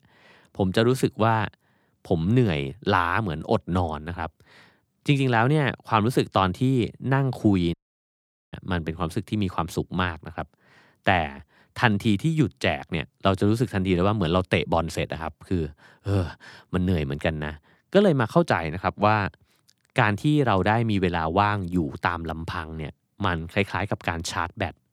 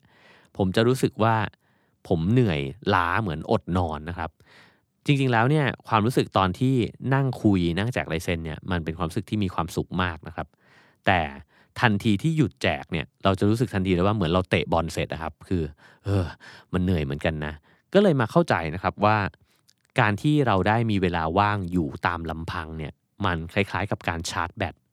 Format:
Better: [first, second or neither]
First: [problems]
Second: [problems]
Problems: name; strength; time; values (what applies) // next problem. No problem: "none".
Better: second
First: audio cutting out; at 7.5 s for 1 s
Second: none